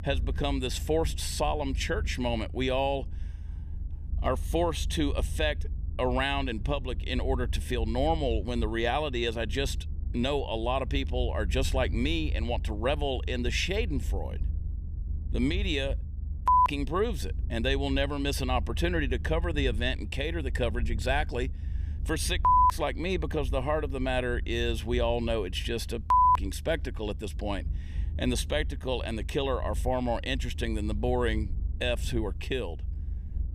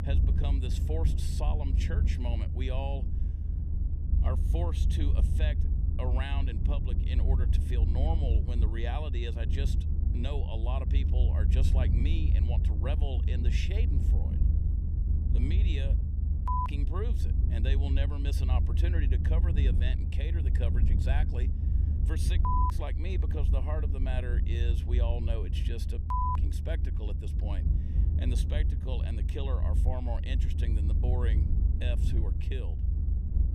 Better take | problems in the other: first | low rumble; loud; throughout; 6 dB below the speech; faint in the first

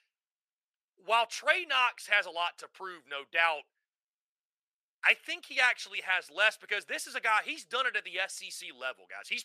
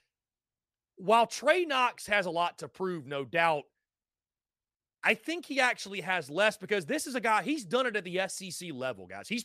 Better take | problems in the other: second | thin; very; fading below 650 Hz

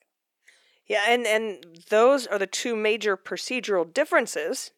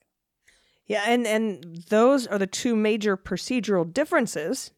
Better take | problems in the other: second | thin; somewhat; fading below 450 Hz

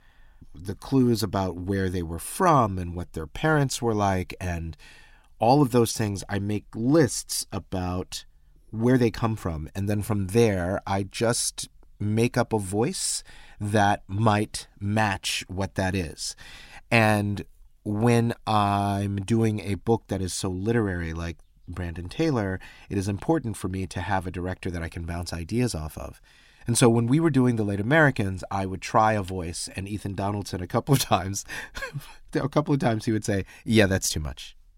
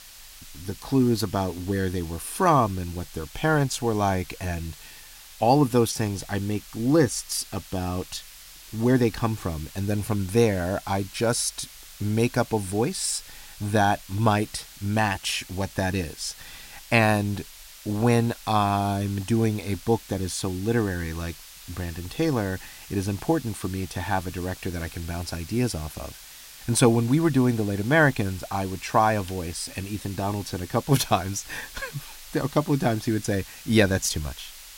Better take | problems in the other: first | hiss; noticeable; throughout; 15 dB below the speech

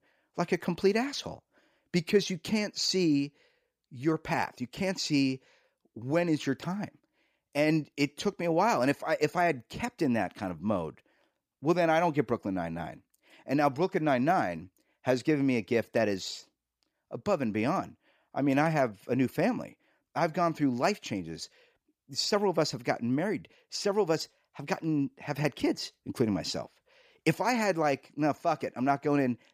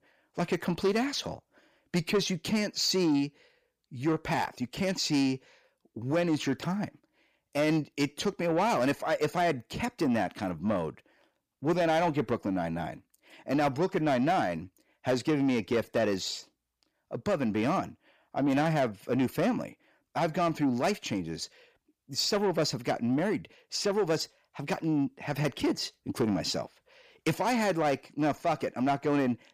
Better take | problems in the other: first | distortion; slight; 10 dB below the speech

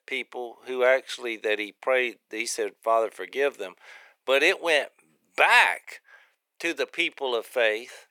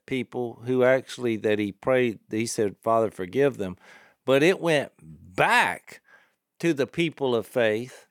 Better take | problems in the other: second | thin; very; fading below 450 Hz

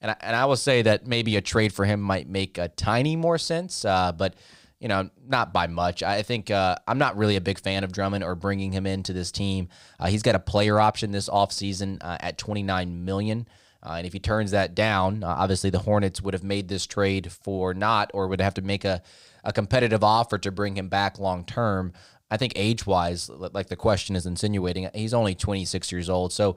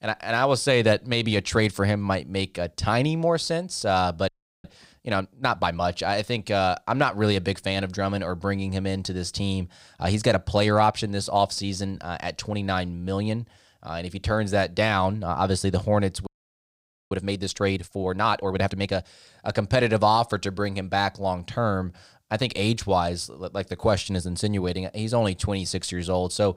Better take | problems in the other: first | audio freezing; at 4.5 s and at 16 s for 1 s

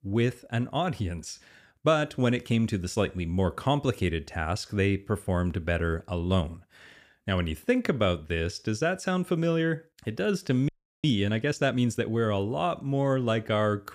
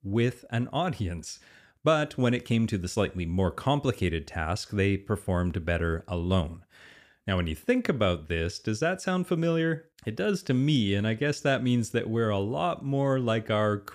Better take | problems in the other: second | audio freezing; at 11 s

